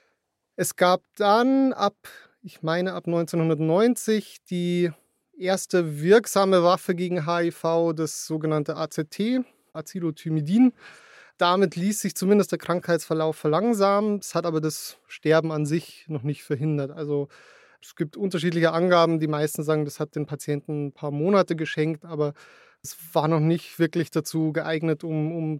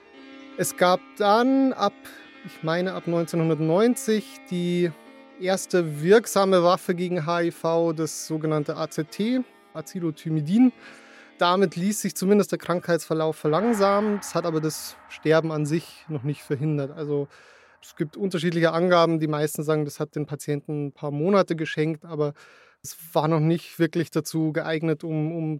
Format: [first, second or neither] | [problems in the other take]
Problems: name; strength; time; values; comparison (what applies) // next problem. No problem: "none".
first | background music; faint; throughout; 25 dB below the speech